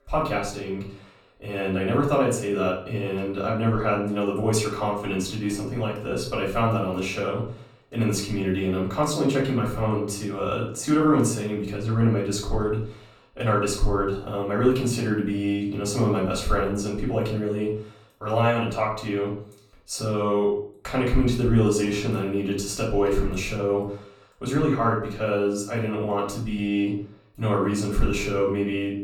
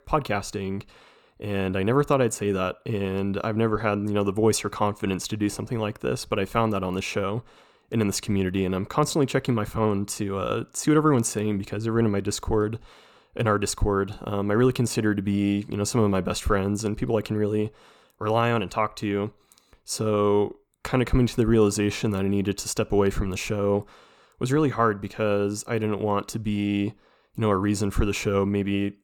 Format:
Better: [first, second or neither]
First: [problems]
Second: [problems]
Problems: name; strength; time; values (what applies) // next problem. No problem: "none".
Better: second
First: off-mic speech; far // room echo; slight; dies away in 0.5 s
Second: none